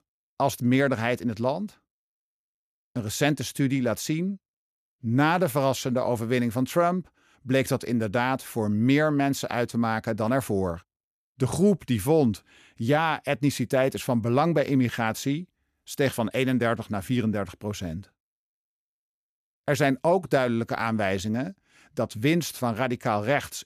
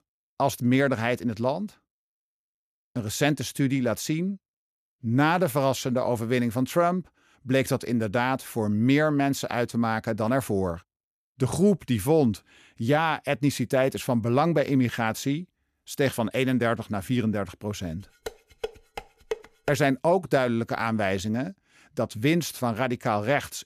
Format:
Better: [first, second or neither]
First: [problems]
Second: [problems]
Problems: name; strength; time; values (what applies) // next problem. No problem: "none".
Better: first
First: none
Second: clattering dishes; noticeable; from 18 to 20 s; peak 10 dB below the speech